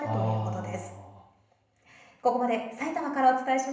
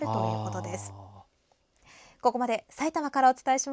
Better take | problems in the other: second | room echo; dies away in 0.8 s

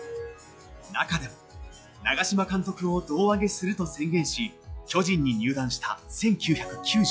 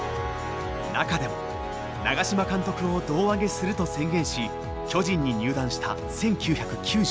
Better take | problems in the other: second | noise reduction (classical method log-MMSE)

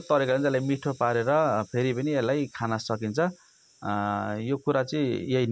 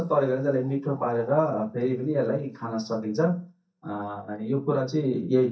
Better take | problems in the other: first | noise reduction (neural mask model DeepFilterNet 3)

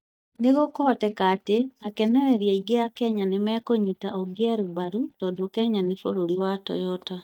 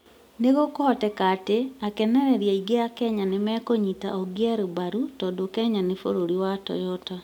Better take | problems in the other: second | noise reduction (neural mask model DeepFilterNet 3)

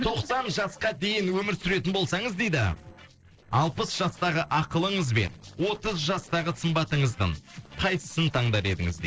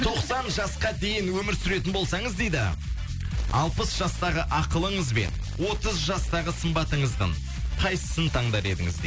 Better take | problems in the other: second | noise reduction (neural separator model SepFormer DNS4)

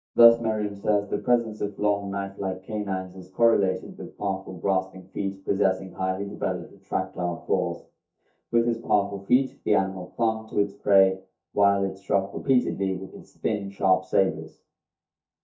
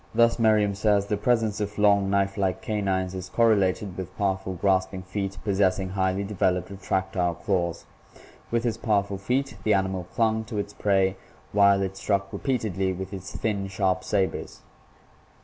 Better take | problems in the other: second | noise reduction (neural mask model DeepFilterNet 3)

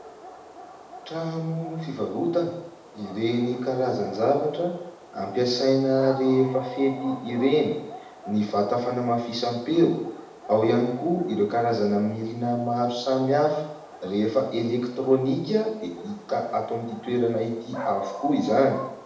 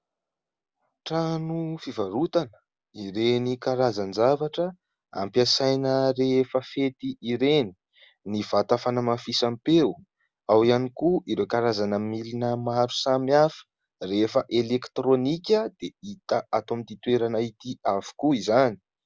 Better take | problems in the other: second | background sound (Dog); 16 dB below the speech // room echo; dies away in 0.8 s

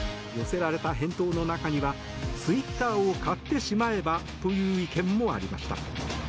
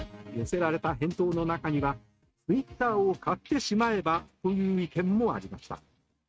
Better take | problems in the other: first | noise reduction (neural mask model RNNoise)

